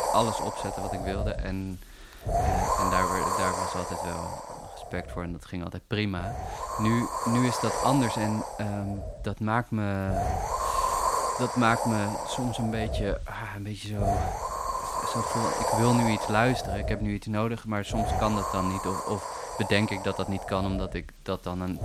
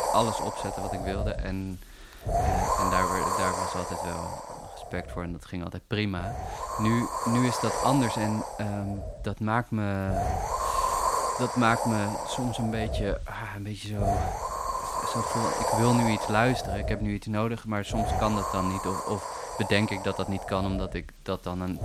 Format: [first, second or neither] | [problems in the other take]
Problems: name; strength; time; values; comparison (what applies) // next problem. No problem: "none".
neither | wind noise on the microphone; heavy; 2 dB above the speech; the same in both